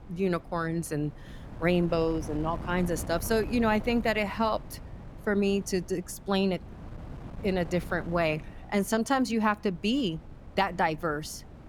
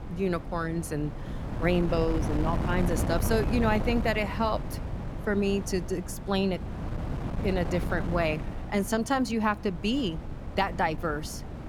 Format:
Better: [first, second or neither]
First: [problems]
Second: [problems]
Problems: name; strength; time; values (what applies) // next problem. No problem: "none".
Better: first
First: wind noise on the microphone; occasional gusts; 20 dB below the speech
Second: wind noise on the microphone; heavy; 10 dB below the speech